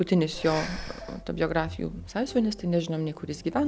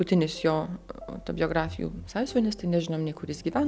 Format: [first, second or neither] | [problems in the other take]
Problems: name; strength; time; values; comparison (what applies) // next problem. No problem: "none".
second | background sound (Breathing); 13 dB below the speech